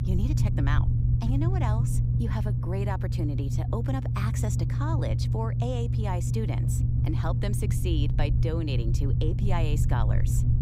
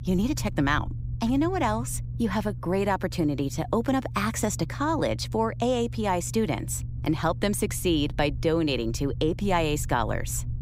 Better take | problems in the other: second | low rumble; loud; throughout; 3 dB below the speech; faint in the second

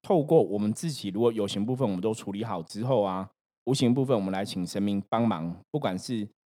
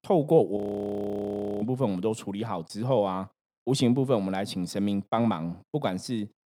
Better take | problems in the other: first | audio freezing; at 0.5 s for 1 s

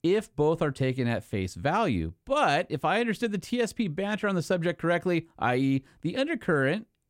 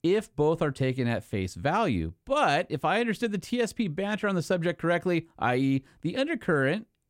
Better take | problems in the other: neither | none

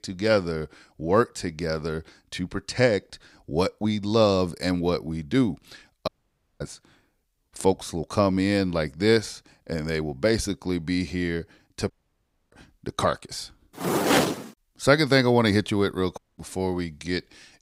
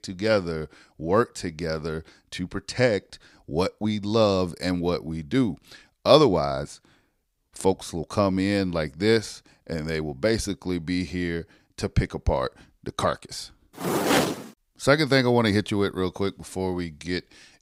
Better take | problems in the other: second | audio cutting out; at 6 s for 0.5 s, at 12 s for 0.5 s and at 16 s

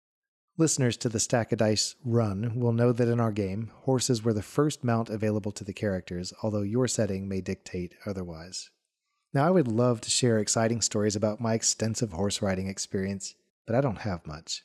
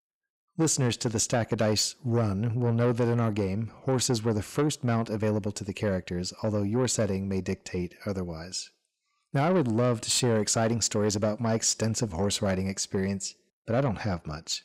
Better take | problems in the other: first | distortion; slight; 10 dB below the speech

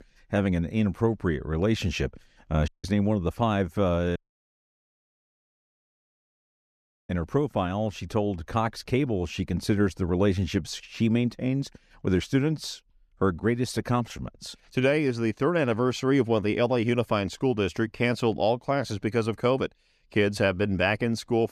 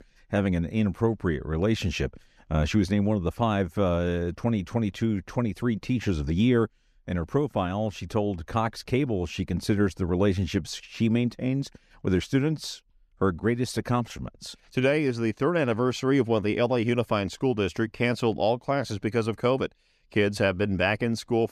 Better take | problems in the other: second | audio cutting out; at 2.5 s and at 4 s for 3 s

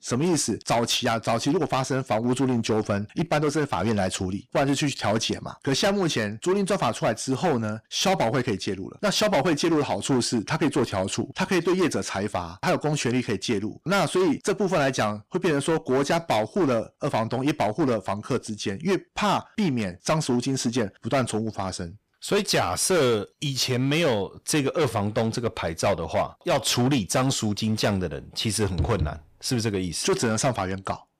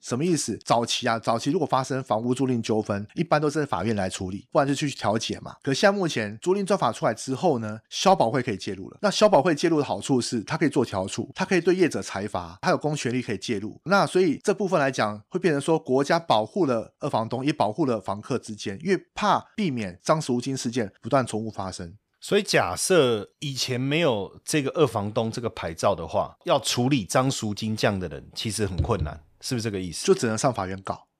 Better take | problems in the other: second | distortion; heavy; 12% of the sound clipped

